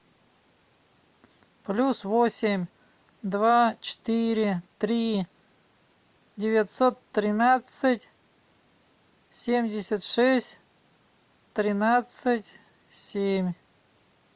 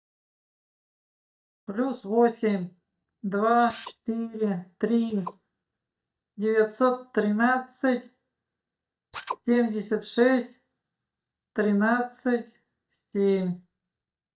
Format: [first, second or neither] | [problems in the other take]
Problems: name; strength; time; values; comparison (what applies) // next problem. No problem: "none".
first | noise reduction (neural mask model DeepFilterNet 3)